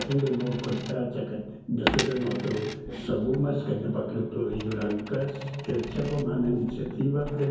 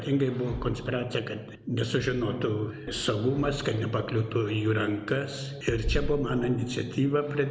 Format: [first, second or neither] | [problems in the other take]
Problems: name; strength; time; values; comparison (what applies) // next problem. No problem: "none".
second | background sound (Coin (dropping)); 10 dB below the speech // room echo; dies away in 0.6 s